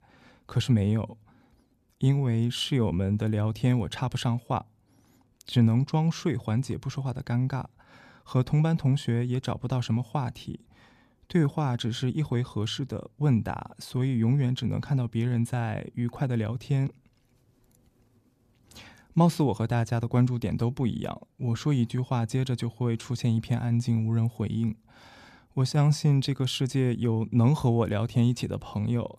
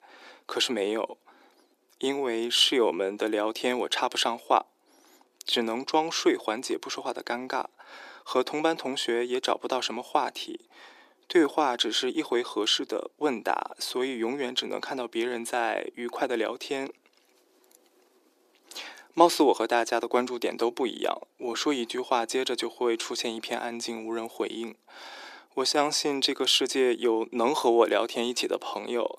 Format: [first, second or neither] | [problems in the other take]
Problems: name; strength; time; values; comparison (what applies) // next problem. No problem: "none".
first | thin; very; fading below 350 Hz